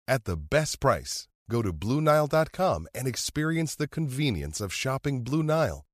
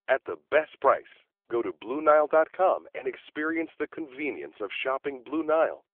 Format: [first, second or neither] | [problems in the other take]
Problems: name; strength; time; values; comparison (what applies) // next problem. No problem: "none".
first | phone-call audio